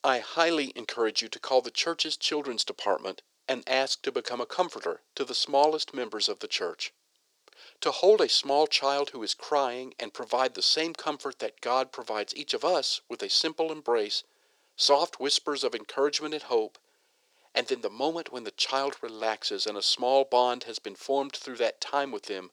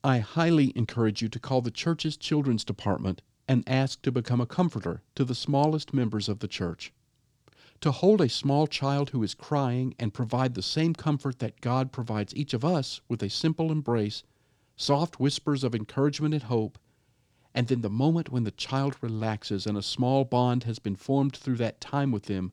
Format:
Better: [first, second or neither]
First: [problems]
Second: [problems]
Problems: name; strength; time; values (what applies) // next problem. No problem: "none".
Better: second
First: thin; very; fading below 450 Hz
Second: none